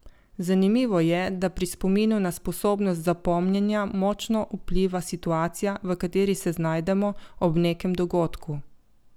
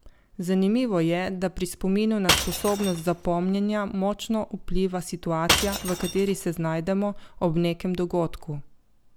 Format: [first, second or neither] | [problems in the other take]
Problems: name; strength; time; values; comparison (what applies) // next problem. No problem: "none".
first | background sound (Shatter / Crushing); 6 dB below the speech